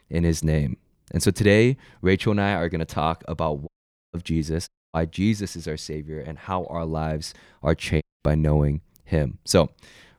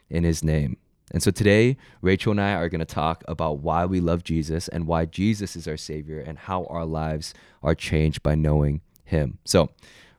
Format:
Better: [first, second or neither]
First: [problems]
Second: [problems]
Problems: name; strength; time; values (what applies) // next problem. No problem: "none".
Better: second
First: audio cutting out; at 3.5 s, at 4.5 s and at 8 s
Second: none